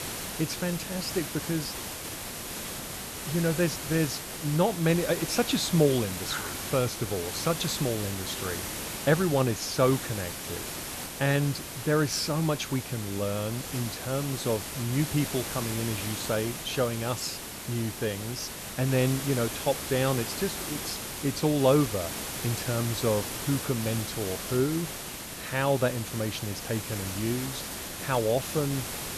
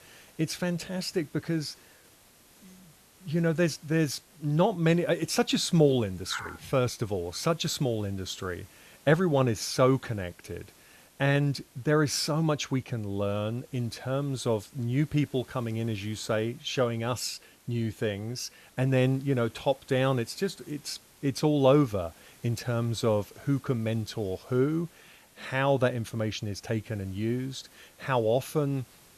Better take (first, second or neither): second